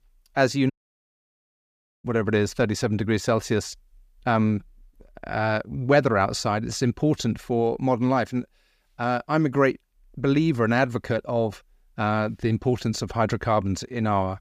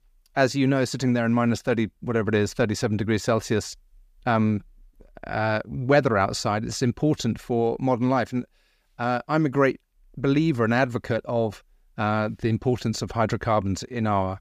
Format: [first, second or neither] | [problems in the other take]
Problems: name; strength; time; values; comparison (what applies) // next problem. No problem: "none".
second | audio cutting out; at 0.5 s for 1.5 s